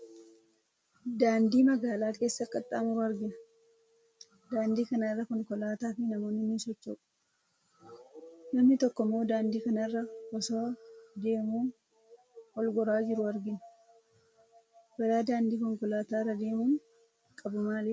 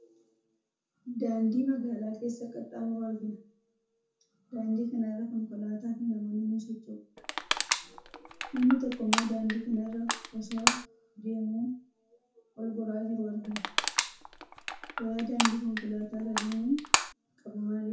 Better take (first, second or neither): first